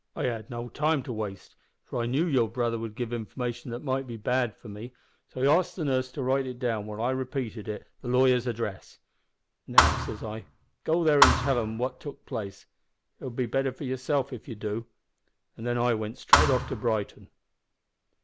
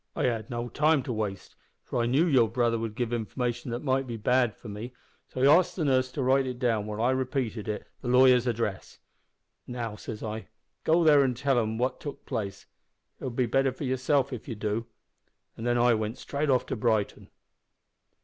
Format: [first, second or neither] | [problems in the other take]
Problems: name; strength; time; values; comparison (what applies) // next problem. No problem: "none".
second | background sound (Thump, thud); 3 dB above the speech